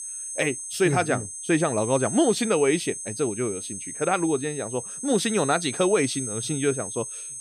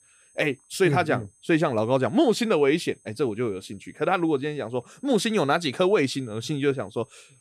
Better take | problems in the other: second | high-pitched whine; loud; throughout; 8 kHz, 7 dB below the speech; faint in the second

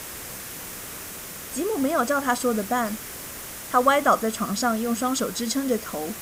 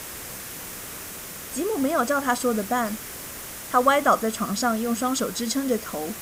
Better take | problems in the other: neither | hiss; noticeable; throughout; 10 dB below the speech; the same in both

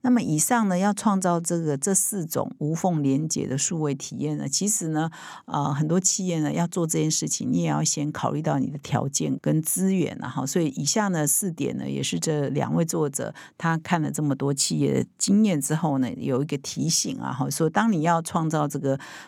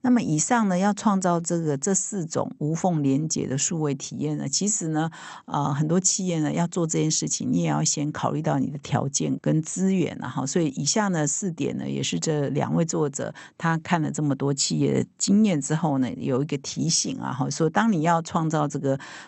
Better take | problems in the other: first | garbled, watery; slightly; nothing above 8 kHz

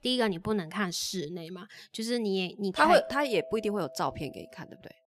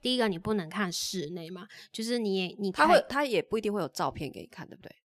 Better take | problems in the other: second | doorbell; noticeable; from 3 to 4.5 s; peak 8 dB below the speech

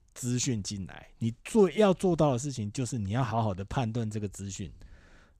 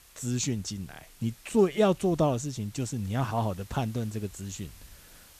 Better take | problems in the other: first | hiss; faint; throughout; 25 dB below the speech

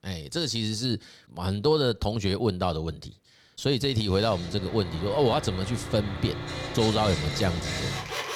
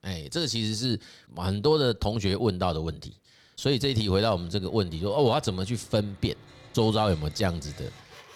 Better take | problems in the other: second | machinery noise; loud; from 4.5 s on; 7 dB below the speech; faint in the second

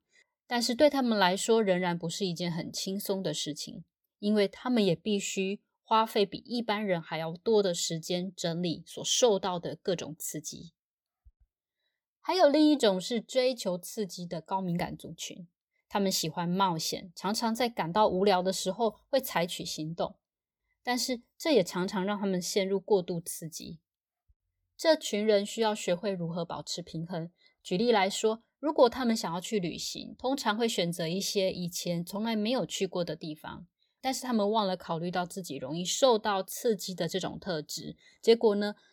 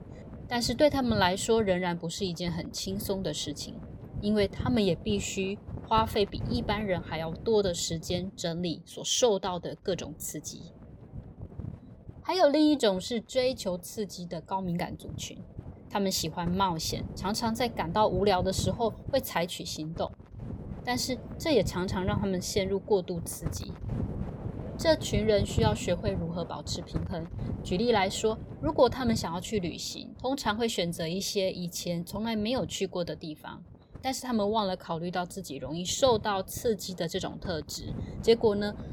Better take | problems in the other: first | wind noise on the microphone; occasional gusts; 20 dB below the speech

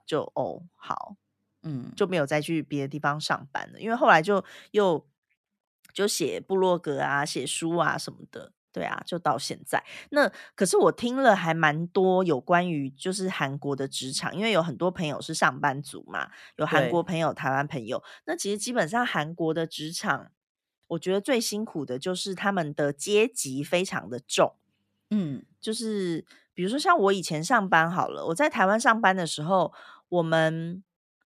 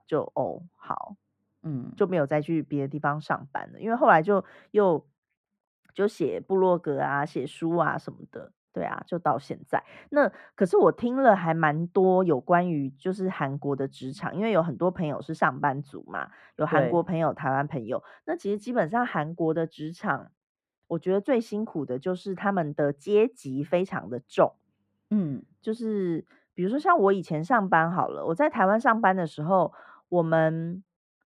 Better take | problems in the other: first | muffled; very; fading above 2.5 kHz

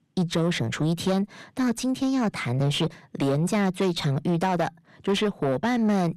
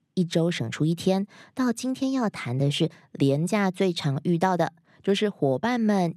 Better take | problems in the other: second | distortion; slight; 9 dB below the speech

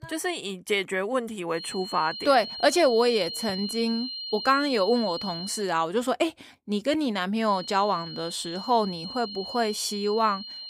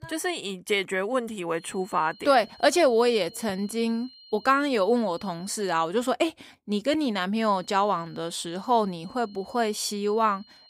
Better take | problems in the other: second | high-pitched whine; loud; from 1.5 to 5.5 s and from 7.5 s on; 4 kHz, 8 dB below the speech; faint in the second

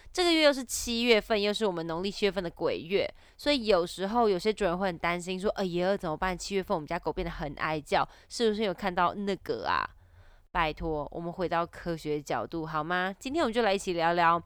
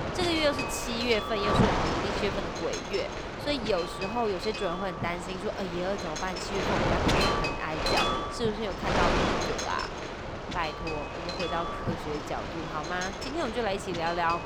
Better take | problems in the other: first | wind noise on the microphone; heavy; 1 dB above the speech

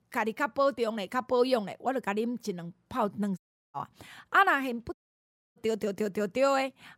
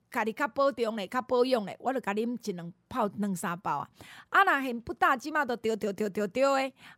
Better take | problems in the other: second | audio cutting out; at 3.5 s and at 5 s for 0.5 s

